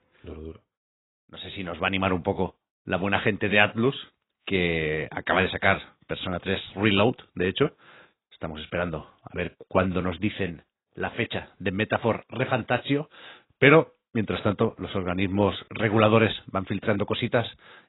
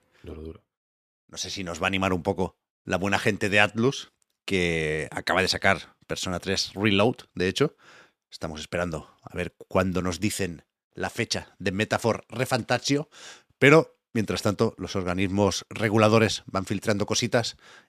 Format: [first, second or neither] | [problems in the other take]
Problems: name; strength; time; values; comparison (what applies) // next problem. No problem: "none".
second | garbled, watery; badly; nothing above 4 kHz